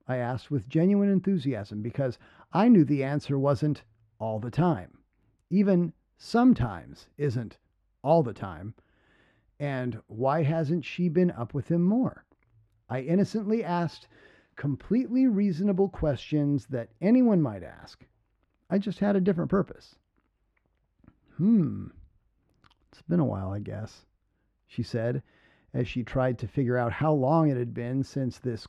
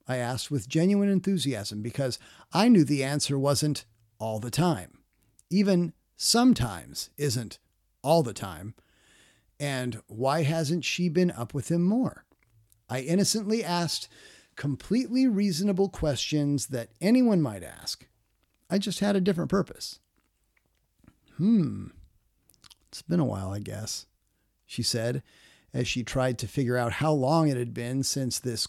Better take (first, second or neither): second